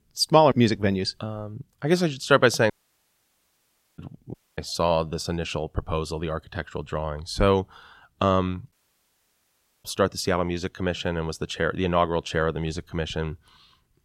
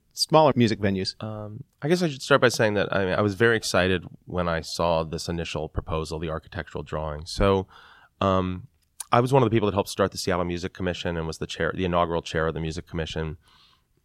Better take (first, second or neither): second